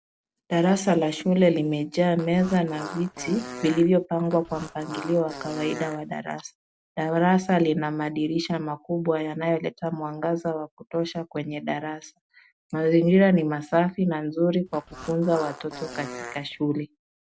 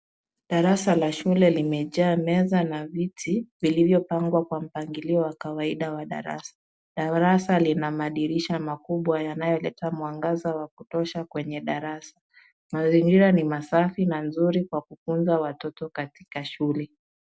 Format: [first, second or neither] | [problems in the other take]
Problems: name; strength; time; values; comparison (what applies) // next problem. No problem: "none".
second | background sound (Fart); 14 dB below the speech